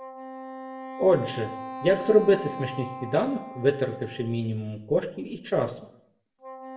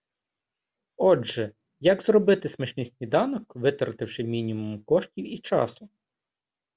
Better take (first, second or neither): second